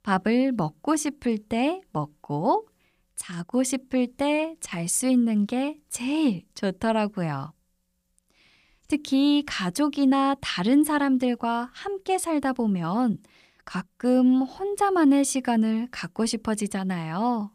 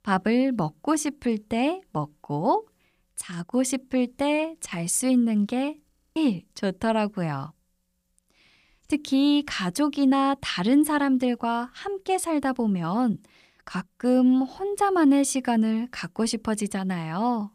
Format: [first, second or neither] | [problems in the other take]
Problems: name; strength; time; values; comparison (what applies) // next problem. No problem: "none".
first | audio freezing; at 6 s